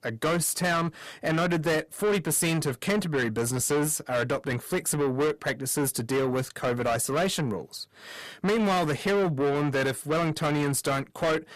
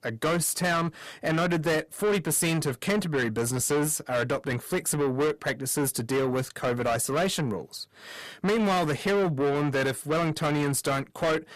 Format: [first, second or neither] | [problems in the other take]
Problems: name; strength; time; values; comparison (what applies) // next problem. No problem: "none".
neither | distortion; heavy; 7 dB below the speech; the same in both